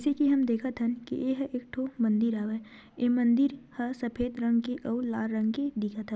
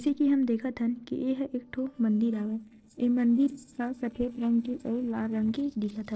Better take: first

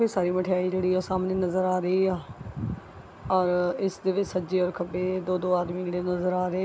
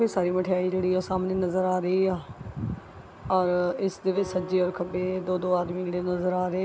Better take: first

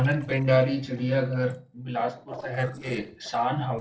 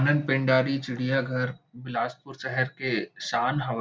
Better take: second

